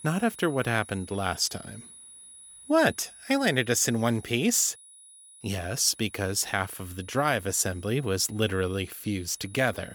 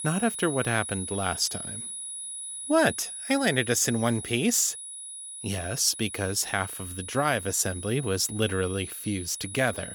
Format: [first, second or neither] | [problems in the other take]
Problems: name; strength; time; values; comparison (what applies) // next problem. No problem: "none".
first | high-pitched whine; loud; throughout; 10 kHz, 9 dB below the speech; faint in the first